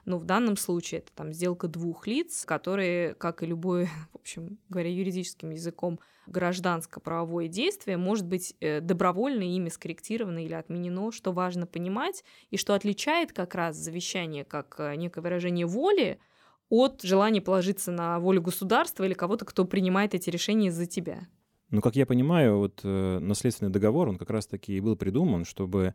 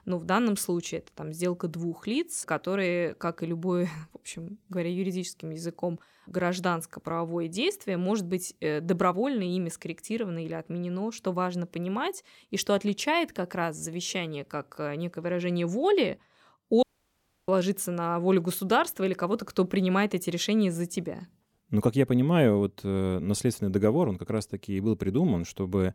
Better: first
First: none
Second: audio cutting out; at 17 s for 0.5 s

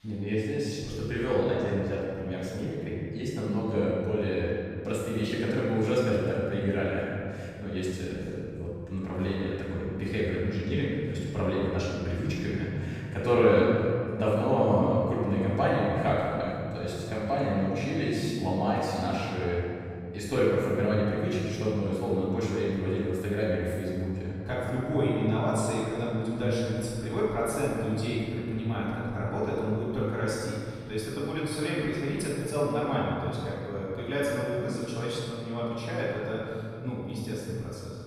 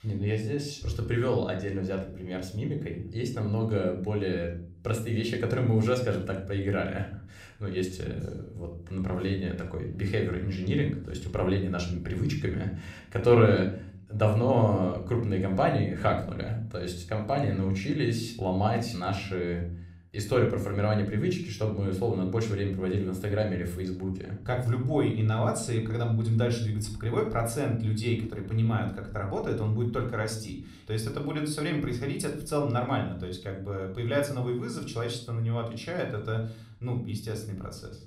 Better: second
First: room echo; strong; dies away in 2.6 s // off-mic speech; far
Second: room echo; slight; dies away in 0.5 s

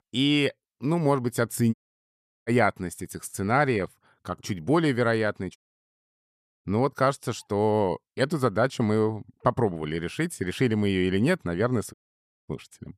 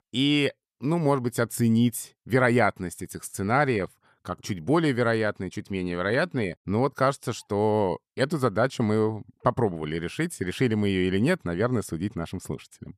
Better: second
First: audio cutting out; at 1.5 s for 0.5 s, at 5.5 s for 1 s and at 12 s for 0.5 s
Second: none

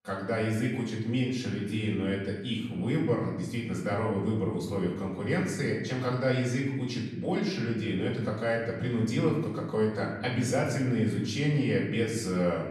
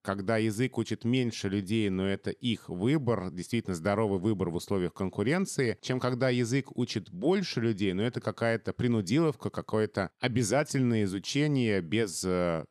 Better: second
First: off-mic speech; far // room echo; noticeable; dies away in 1.1 s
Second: none

